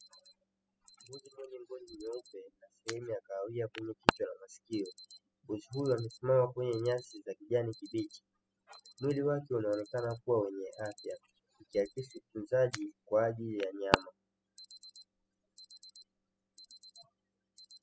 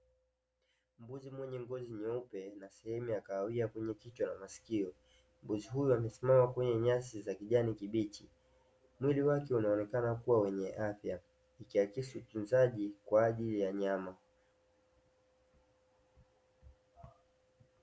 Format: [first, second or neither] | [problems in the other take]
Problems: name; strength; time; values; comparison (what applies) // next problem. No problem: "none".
second | noise reduction (classical method spectral subtraction)